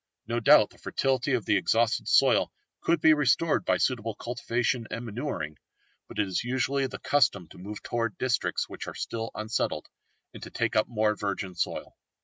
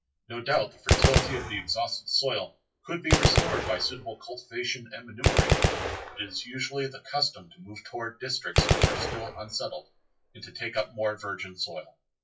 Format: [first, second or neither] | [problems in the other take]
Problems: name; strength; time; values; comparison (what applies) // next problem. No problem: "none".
first | noise reduction (classical method WPE with log-MMSE)